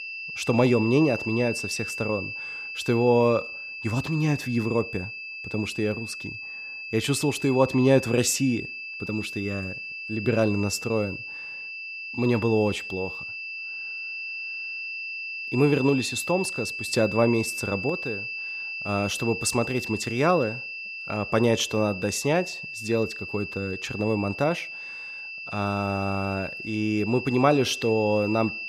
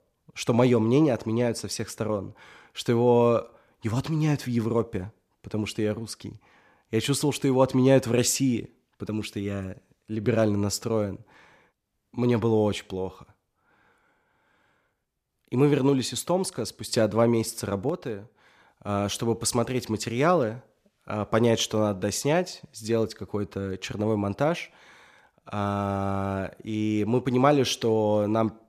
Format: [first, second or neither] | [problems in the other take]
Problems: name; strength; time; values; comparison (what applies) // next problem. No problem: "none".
second | high-pitched whine; loud; throughout; 2.5 kHz, 7 dB below the speech